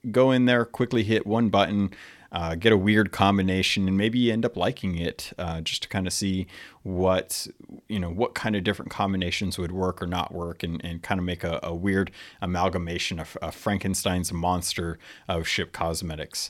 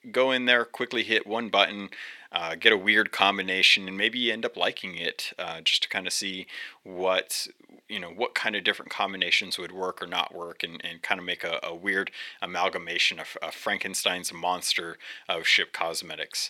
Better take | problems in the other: first | thin; somewhat; fading below 400 Hz

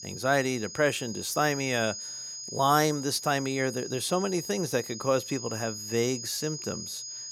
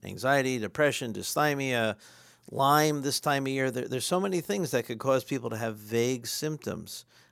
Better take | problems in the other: second | high-pitched whine; loud; throughout; 6.5 kHz, 9 dB below the speech

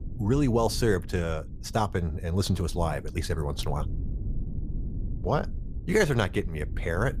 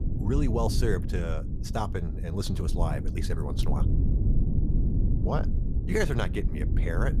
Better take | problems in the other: first | low rumble; loud; throughout; 8 dB below the speech; faint in the first

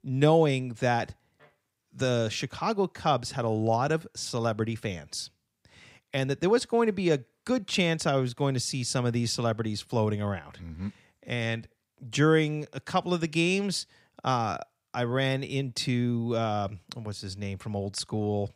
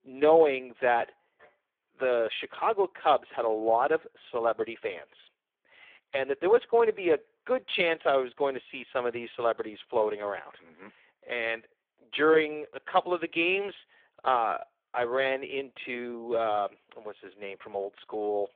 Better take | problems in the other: first | phone-call audio; poor line; nothing above 3.5 kHz

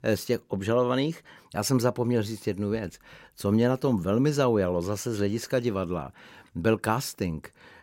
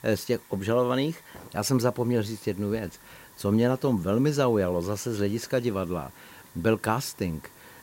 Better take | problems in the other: first | hiss; faint; throughout; 25 dB below the speech

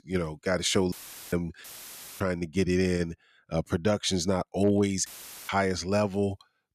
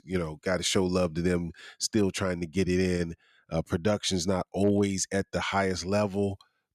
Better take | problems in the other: second | audio cutting out; filled with static; at 1 s, at 1.5 s for 0.5 s and at 5 s

